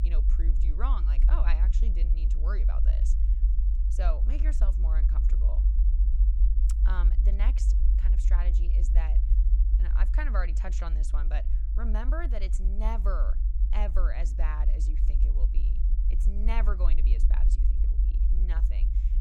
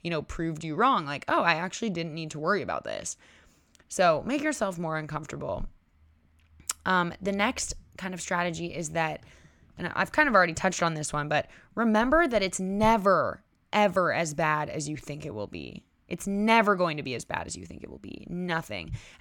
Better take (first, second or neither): second